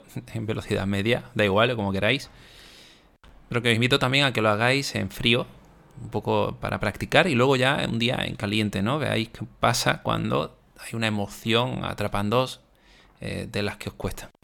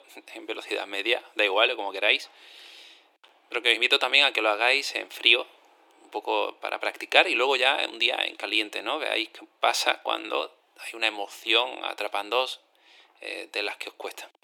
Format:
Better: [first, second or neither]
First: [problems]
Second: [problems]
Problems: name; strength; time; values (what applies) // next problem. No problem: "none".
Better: first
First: none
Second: thin; very; fading below 300 Hz